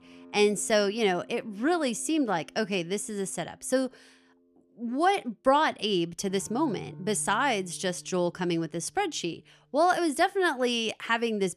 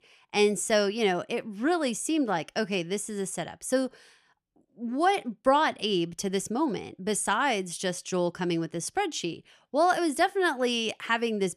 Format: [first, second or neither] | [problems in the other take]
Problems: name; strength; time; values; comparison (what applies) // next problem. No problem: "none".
second | background music; faint; throughout; 25 dB below the speech